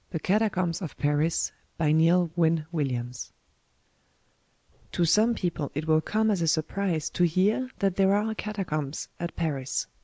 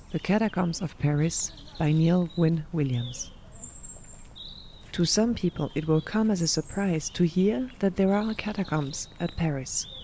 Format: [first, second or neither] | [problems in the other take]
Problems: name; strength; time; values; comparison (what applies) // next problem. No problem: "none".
first | background sound (Bird); 18 dB below the speech